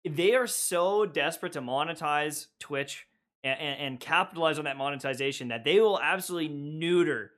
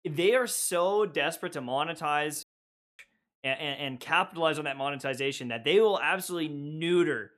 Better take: first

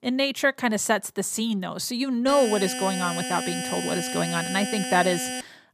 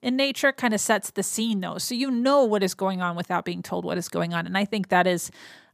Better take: second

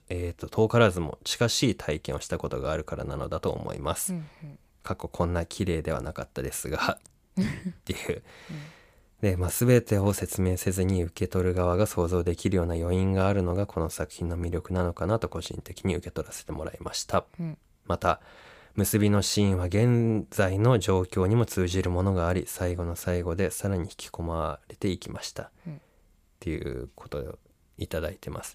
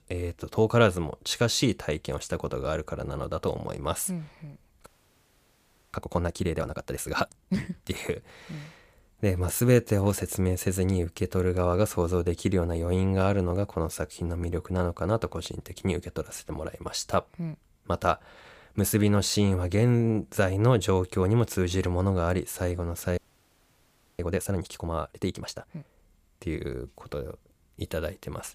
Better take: first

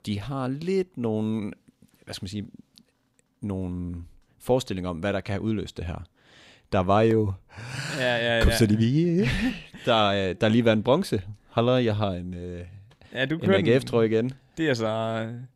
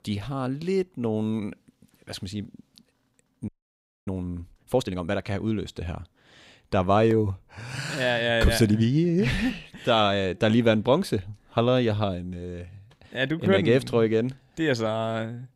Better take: first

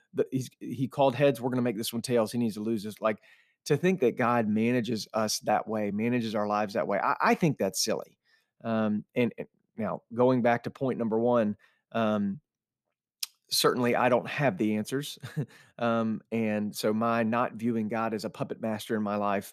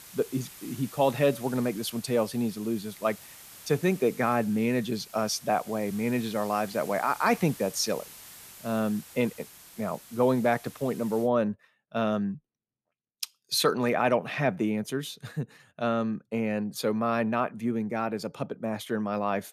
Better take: first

